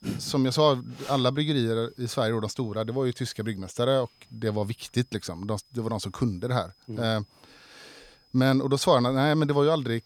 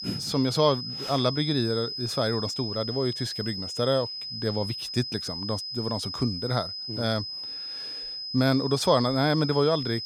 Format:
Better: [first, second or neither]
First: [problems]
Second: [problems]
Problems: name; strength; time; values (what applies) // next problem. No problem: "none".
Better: first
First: high-pitched whine; faint; throughout; 5 kHz, 35 dB below the speech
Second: high-pitched whine; loud; throughout; 5 kHz, 5 dB below the speech